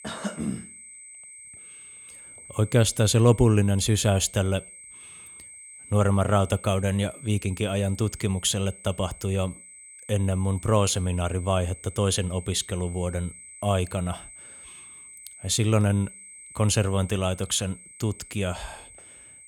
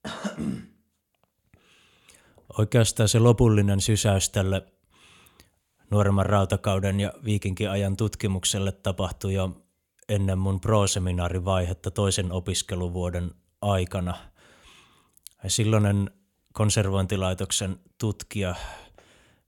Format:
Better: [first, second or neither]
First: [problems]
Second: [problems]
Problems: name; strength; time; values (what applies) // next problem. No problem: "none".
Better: second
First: high-pitched whine; noticeable; throughout; 8 kHz, 20 dB below the speech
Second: none